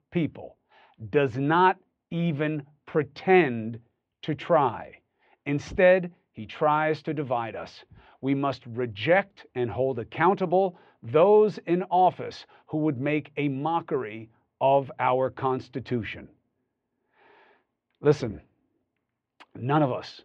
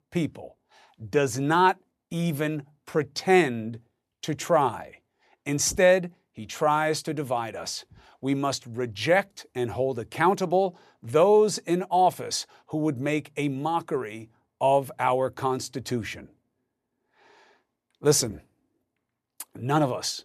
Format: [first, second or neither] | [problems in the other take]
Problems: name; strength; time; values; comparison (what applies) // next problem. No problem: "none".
second | muffled; very; fading above 3 kHz